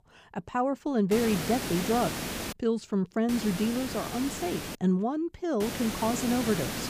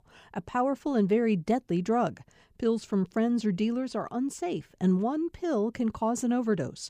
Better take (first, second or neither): second